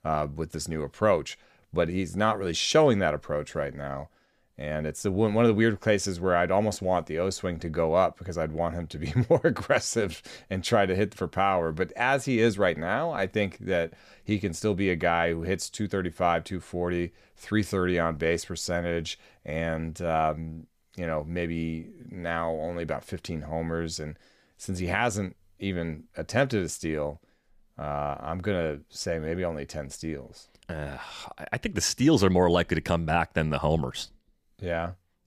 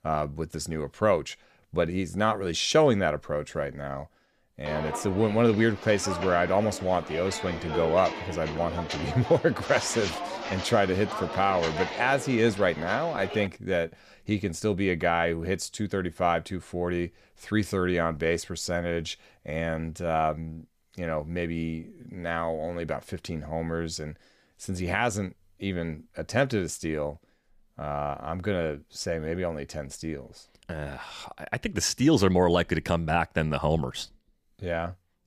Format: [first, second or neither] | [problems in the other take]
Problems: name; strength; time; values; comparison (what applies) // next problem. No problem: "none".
first | footsteps; noticeable; from 4.5 to 13 s; peak 4 dB below the speech